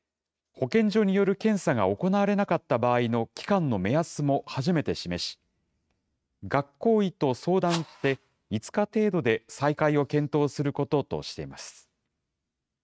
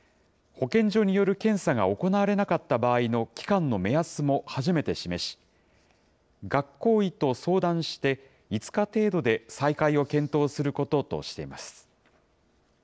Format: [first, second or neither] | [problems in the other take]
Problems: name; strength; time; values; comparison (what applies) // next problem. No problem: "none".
second | noise reduction (neural mask model RNNoise)